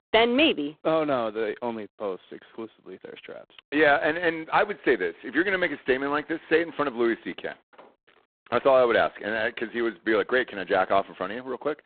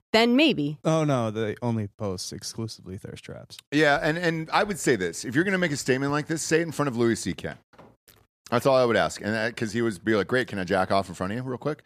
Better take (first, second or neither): second